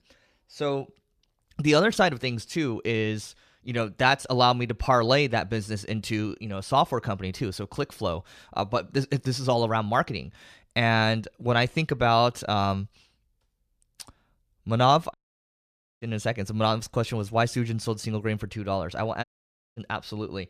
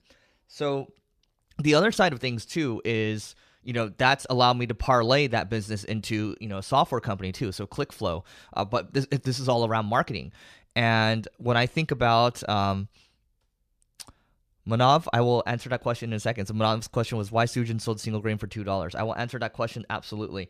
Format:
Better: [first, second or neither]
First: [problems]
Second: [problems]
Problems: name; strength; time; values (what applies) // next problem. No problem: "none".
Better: second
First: audio cutting out; at 15 s for 1 s and at 19 s for 0.5 s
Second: none